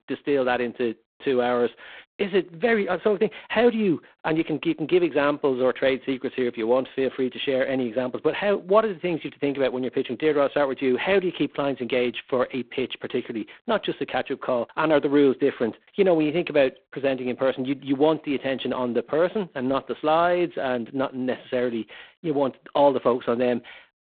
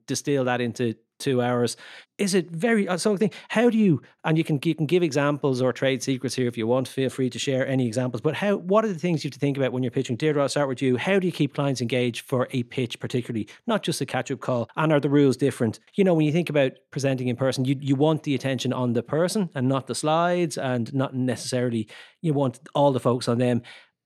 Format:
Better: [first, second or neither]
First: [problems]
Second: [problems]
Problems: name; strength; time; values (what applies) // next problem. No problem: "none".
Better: second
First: phone-call audio; poor line; nothing above 3.5 kHz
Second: none